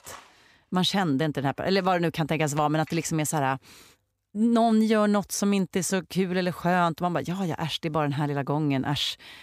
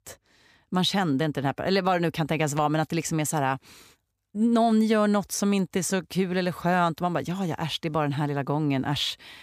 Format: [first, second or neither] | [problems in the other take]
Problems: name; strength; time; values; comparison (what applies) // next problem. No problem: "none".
second | machinery noise; faint; until 3.5 s; 25 dB below the speech